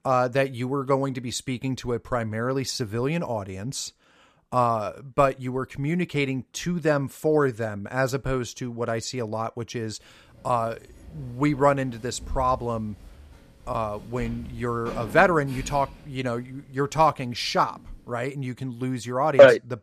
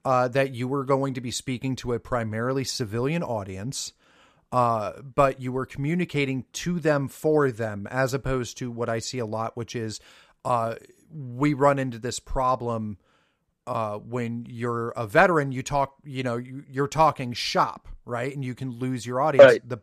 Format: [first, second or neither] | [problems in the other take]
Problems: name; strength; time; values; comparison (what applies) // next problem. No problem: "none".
second | footsteps; faint; from 10 to 18 s; peak 10 dB below the speech